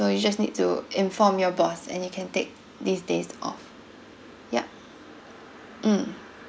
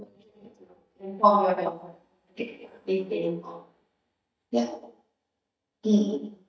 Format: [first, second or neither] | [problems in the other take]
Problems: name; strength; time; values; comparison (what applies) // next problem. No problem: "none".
first | noise reduction (neural mask model DeepFilterNet 3)